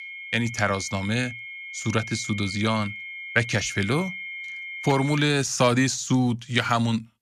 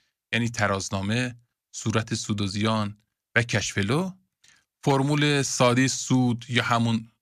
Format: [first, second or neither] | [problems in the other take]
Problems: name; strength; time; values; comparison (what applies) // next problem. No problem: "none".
second | high-pitched whine; loud; until 5 s; 2 kHz, 10 dB below the speech